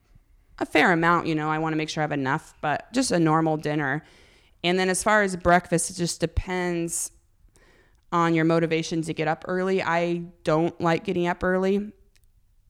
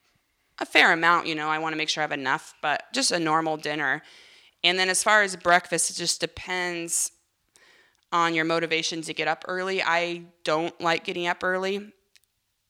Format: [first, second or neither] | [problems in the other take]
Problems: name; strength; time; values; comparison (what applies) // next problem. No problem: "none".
first | thin; somewhat; fading below 700 Hz